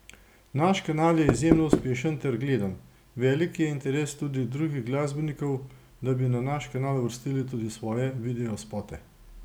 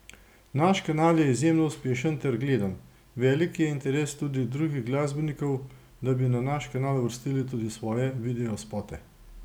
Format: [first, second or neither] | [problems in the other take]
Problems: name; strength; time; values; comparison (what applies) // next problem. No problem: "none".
second | background sound (Knock); 3 dB above the speech